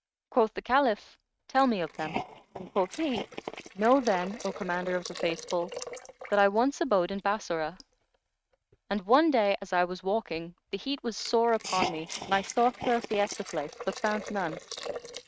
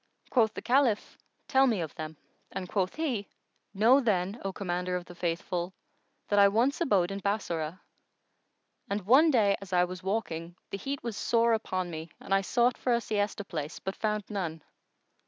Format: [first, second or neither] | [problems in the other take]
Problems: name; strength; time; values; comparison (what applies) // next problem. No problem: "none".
second | noise reduction (neural mask model RNNoise)